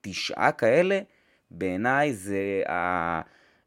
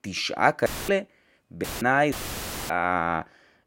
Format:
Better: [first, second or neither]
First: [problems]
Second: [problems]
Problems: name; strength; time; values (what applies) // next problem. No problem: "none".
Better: first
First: none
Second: audio cutting out; filled with static; at 0.5 s, at 1.5 s and at 2 s for 0.5 s